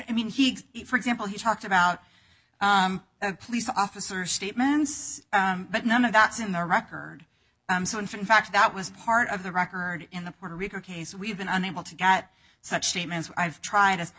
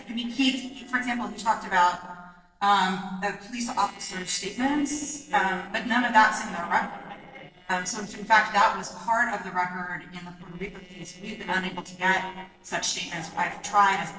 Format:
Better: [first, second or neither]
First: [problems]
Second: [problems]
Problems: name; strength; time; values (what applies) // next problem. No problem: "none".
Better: first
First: none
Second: noise reduction (neural separator model SepFormer DNS4)